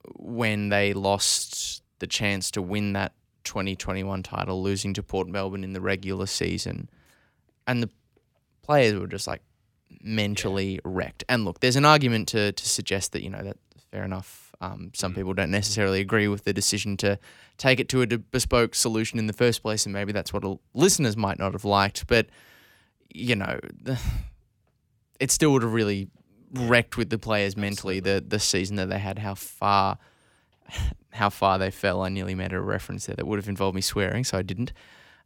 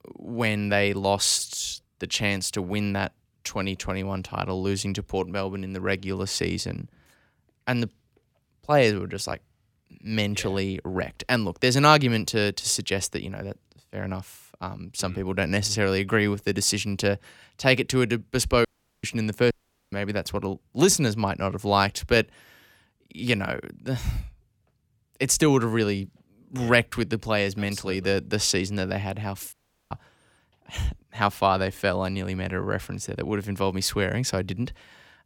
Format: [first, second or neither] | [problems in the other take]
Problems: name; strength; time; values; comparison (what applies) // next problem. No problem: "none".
first | audio cutting out; at 19 s, at 20 s and at 30 s